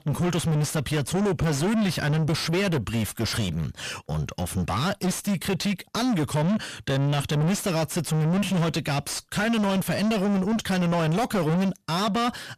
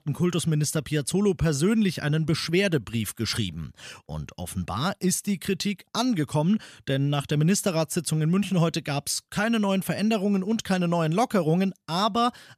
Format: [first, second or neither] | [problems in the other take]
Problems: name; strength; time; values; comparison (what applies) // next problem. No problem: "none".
second | distortion; heavy; 7 dB below the speech